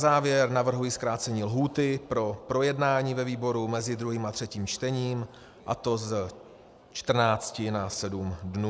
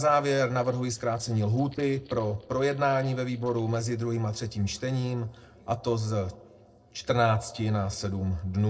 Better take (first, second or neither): first